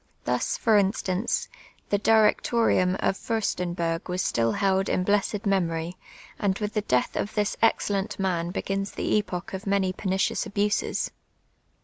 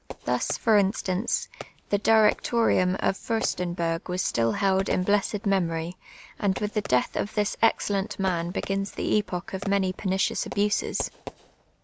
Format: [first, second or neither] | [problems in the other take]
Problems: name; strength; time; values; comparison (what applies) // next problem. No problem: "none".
first | background sound (Fireworks); 18 dB below the speech